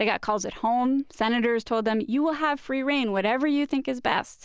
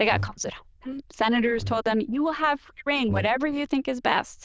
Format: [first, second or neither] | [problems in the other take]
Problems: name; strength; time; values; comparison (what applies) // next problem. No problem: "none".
first | noise reduction (neural diffusion model UNIVERSE++)